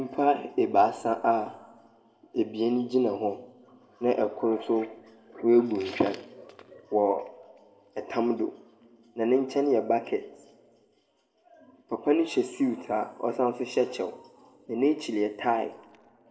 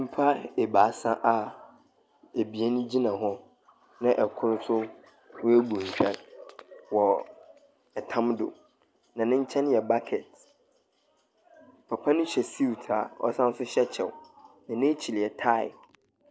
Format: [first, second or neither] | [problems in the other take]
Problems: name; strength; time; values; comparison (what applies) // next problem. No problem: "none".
second | room echo; dies away in 0.8 s